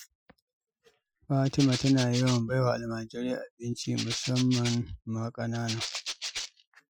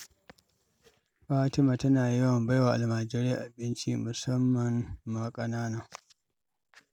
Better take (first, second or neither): second